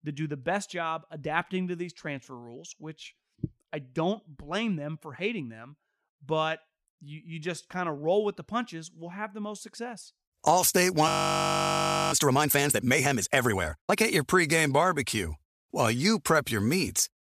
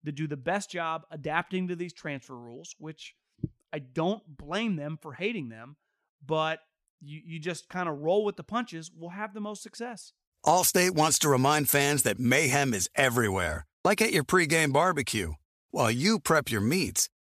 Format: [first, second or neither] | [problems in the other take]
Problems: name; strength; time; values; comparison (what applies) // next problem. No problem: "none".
second | audio freezing; at 11 s for 1 s